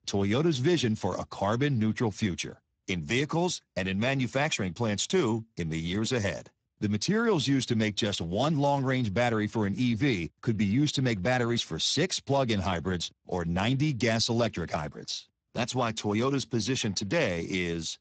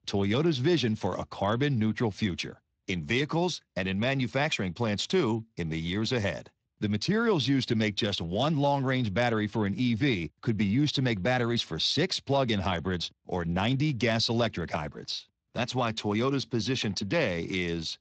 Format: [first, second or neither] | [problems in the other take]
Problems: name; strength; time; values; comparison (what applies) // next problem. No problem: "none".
second | garbled, watery; badly; nothing above 7.5 kHz; slightly in the second